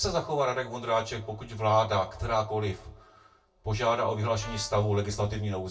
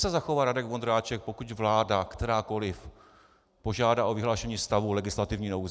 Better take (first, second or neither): second